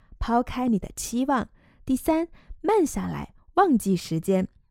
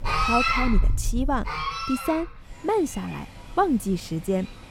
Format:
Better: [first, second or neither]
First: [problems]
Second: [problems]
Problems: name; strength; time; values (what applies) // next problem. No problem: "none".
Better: first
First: none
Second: animal sounds; very loud; throughout; 1 dB above the speech